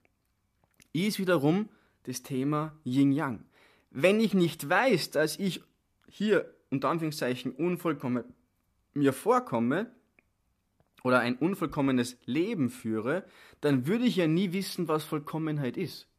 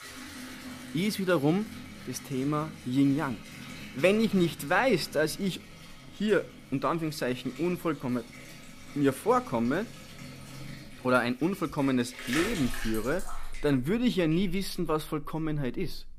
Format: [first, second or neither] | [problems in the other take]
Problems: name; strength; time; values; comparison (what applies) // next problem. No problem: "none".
first | household noises; noticeable; throughout; 15 dB below the speech